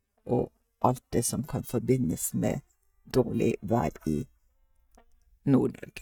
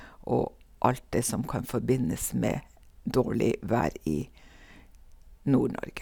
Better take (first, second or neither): second